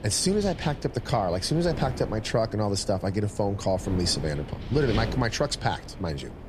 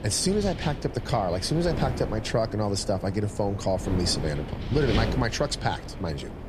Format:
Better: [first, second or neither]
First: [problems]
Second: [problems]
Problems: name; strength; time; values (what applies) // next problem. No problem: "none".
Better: first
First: wind noise on the microphone; occasional gusts; 15 dB below the speech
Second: wind noise on the microphone; heavy; 9 dB below the speech